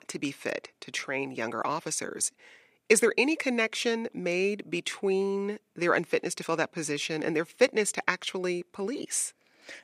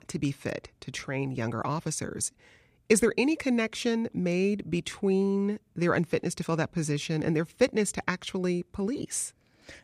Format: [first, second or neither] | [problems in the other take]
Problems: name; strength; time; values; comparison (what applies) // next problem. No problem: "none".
second | thin; somewhat; fading below 350 Hz